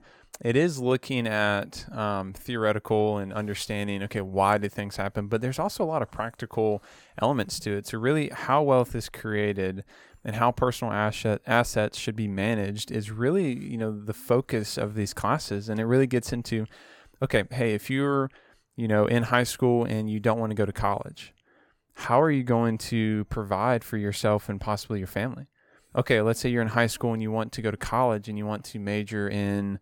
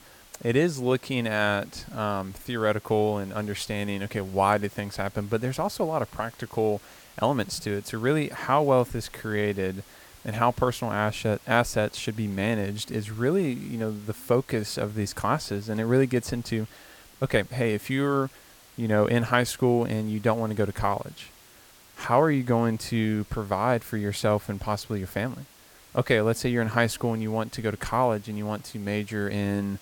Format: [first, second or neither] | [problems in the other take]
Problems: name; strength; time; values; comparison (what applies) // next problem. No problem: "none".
first | hiss; faint; throughout; 25 dB below the speech